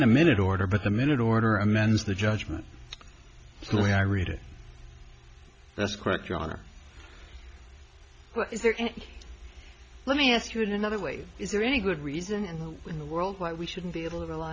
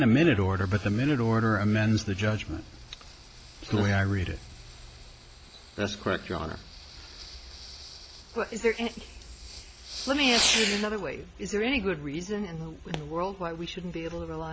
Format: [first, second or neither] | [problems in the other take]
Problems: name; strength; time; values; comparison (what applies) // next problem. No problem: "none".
first | background sound (Fireworks); 9 dB below the speech